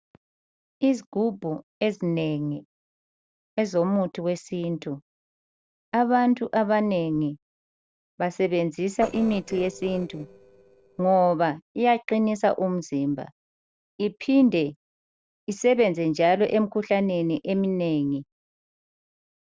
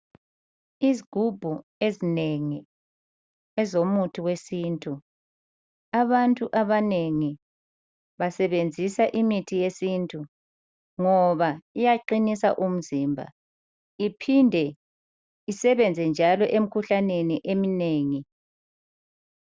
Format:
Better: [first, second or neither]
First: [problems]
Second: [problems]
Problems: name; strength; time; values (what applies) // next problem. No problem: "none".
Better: second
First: noise reduction (neural separator model SepFormer DNS4)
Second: none